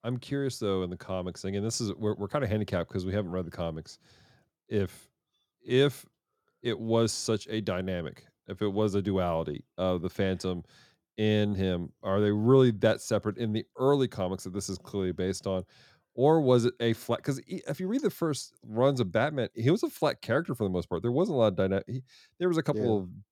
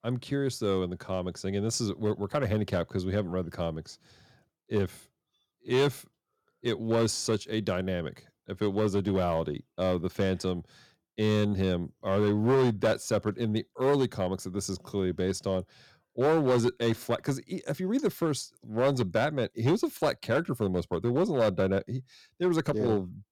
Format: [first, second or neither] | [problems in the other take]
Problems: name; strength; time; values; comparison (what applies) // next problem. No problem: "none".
first | distortion; slight; 4% of the sound clipped